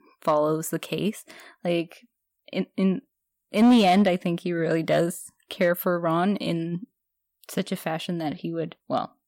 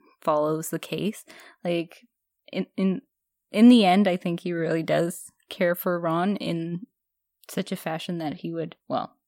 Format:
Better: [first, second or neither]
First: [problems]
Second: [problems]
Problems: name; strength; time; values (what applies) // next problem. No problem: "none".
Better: second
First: distortion; slight; 1.7% of the sound clipped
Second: none